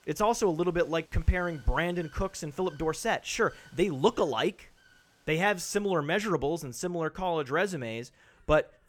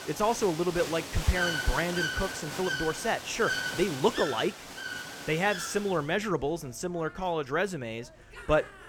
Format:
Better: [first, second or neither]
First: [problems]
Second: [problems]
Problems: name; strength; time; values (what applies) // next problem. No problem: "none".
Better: first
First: animal sounds; faint; throughout; 30 dB below the speech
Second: animal sounds; loud; throughout; 5 dB below the speech